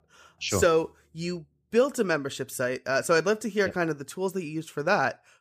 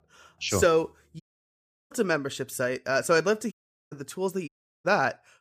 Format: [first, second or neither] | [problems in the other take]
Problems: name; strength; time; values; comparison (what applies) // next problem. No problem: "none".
first | audio cutting out; at 1 s for 0.5 s, at 3.5 s and at 4.5 s